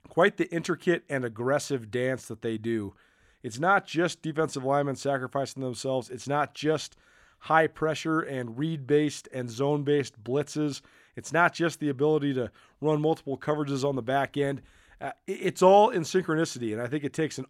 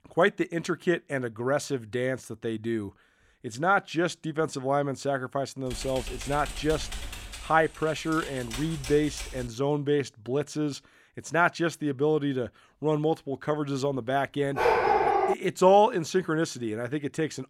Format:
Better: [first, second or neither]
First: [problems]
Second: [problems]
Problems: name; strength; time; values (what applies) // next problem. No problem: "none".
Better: first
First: none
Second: keyboard typing; noticeable; from 5.5 to 9.5 s; peak 9 dB below the speech // dog barking; loud; at 15 s; peak 5 dB above the speech